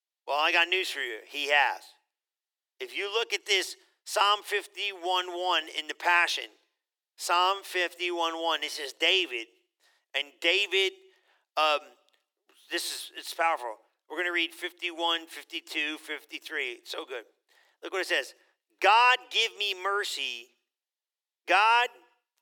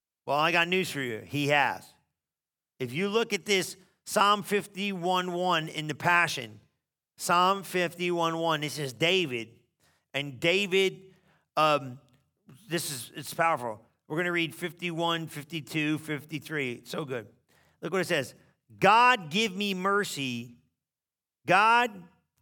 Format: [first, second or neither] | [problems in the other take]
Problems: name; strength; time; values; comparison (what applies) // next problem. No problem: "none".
second | thin; very; fading below 350 Hz